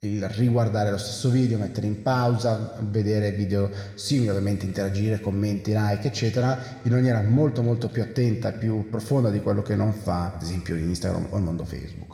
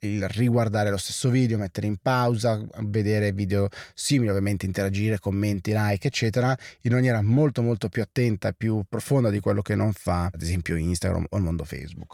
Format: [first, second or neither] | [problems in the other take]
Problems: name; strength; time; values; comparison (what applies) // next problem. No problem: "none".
second | room echo; slight; dies away in 1.7 s